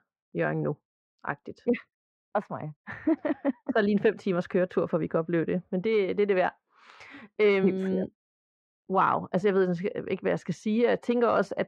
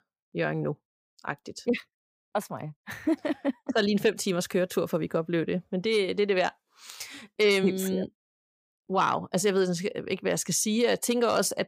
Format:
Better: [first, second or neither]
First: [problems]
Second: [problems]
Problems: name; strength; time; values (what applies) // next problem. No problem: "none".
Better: second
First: muffled; very; fading above 1.5 kHz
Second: none